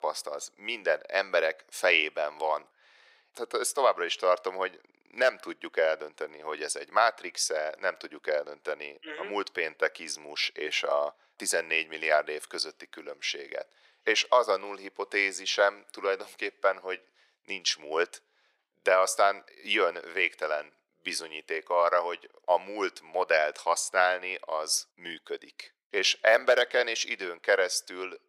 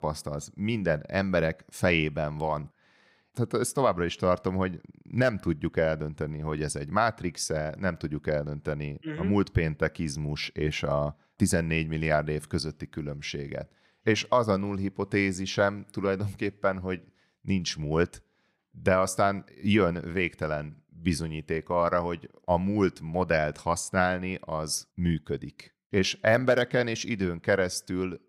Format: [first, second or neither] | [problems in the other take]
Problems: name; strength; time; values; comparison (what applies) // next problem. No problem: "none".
second | thin; very; fading below 450 Hz